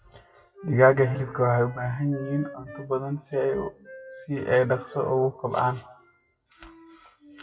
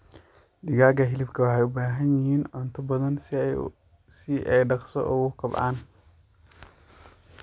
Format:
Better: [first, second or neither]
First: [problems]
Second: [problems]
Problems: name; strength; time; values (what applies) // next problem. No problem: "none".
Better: second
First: noise reduction (classical method WPE with log-MMSE)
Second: none